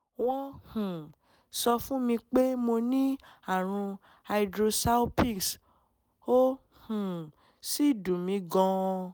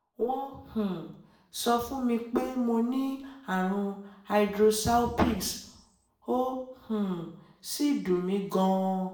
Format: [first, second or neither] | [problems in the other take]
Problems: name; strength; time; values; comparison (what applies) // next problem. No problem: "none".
first | room echo; dies away in 0.6 s